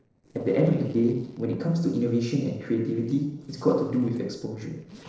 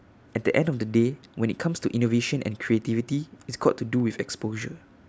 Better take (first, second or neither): second